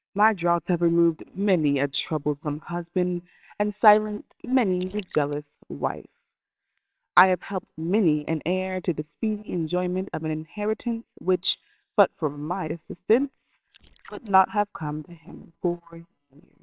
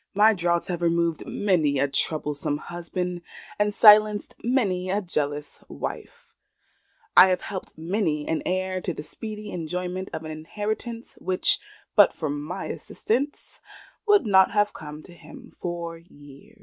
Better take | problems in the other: second | noise reduction (neural separator model SepFormer WHAMR!)

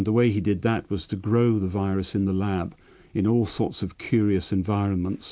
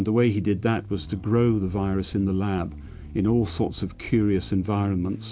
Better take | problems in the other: first | background sound (Bass guitar); 15 dB below the speech

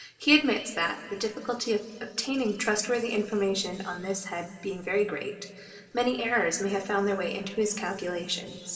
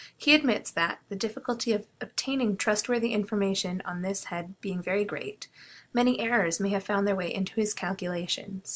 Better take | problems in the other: second | room echo; dies away in 2.3 s

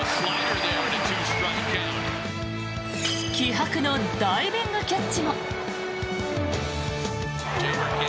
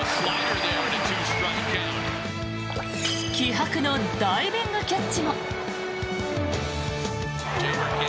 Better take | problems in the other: first | background sound (Drip); 18 dB below the speech

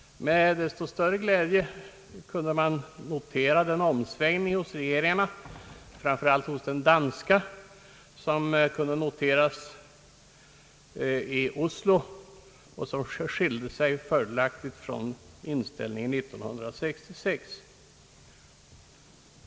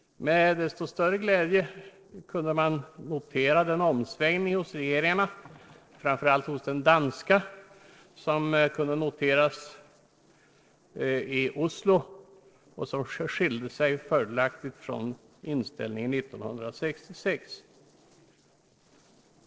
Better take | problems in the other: first | noise reduction (neural separator model SepFormer DNS4)

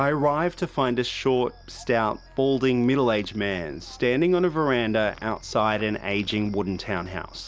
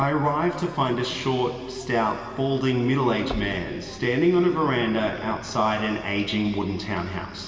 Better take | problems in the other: first | background sound (Knock); 17 dB below the speech // room echo; dies away in 2.5 s

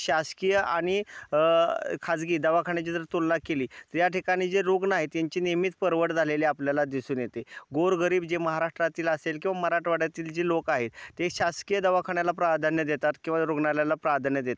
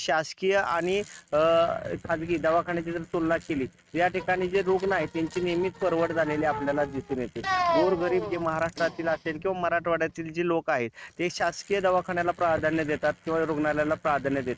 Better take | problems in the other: first | noise reduction (neural mask model RNNoise)

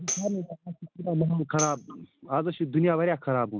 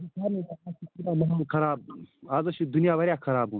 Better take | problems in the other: second | noise reduction (neural mask model RNNoise)

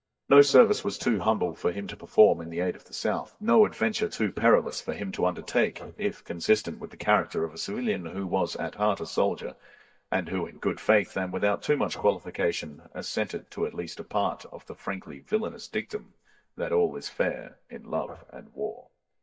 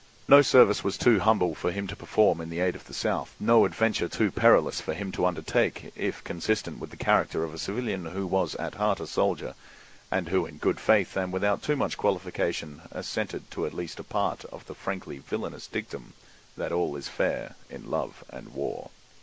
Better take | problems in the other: second | noise reduction (neural mask model DeepFilterNet 3)

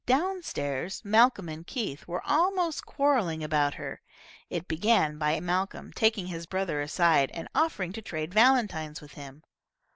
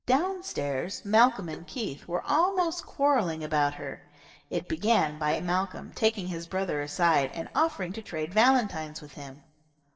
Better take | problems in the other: first | noise reduction (neural separator model SepFormer DNS4)

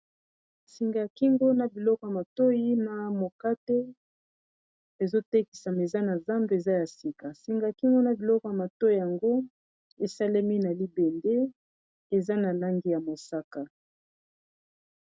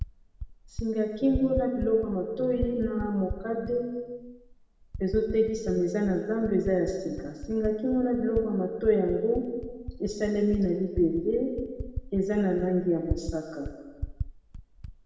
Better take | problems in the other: first | background sound (Typing); 11 dB below the speech // room echo; dies away in 1.3 s

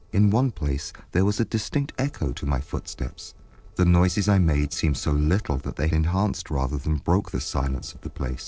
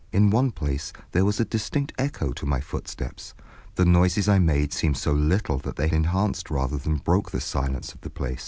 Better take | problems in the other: second | noise reduction (neural separator model SepFormer DNS4)

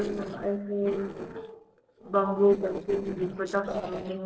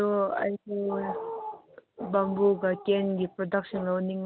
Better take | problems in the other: second | noise reduction (neural separator model SepFormer DNS4)

